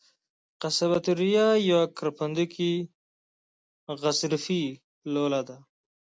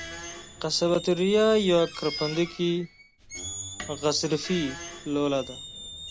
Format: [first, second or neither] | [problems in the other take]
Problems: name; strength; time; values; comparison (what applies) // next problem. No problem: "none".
first | background sound (Squeak); 12 dB below the speech